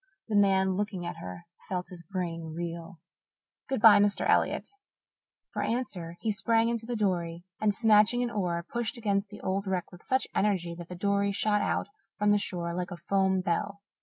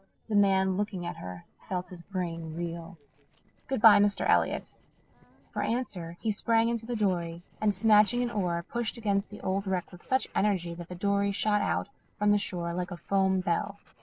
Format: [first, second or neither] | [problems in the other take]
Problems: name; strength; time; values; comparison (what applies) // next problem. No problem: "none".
first | noise reduction (neural separator model SepFormer DNS4)